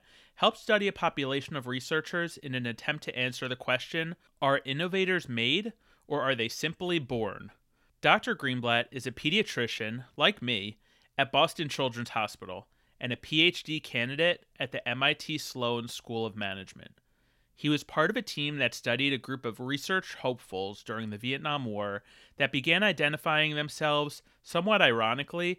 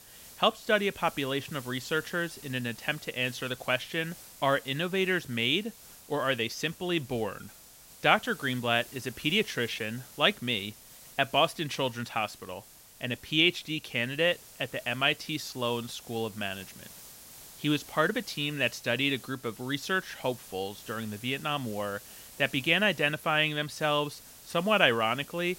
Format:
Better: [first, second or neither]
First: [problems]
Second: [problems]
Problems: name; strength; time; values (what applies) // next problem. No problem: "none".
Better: first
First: none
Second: hiss; noticeable; throughout; 20 dB below the speech